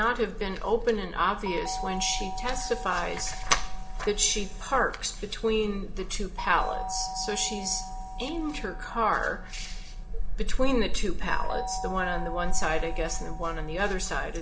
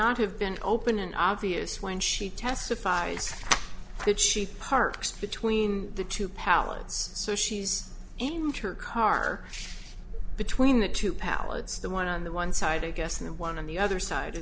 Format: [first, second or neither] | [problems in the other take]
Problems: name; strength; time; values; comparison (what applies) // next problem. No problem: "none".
second | background sound (Doorbell); 13 dB below the speech // room echo; dies away in 0.5 s